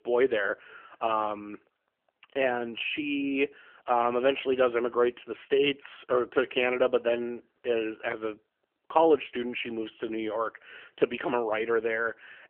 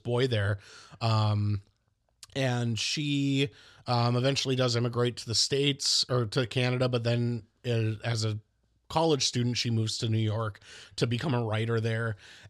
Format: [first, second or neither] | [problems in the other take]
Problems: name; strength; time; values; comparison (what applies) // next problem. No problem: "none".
second | phone-call audio; nothing above 3 kHz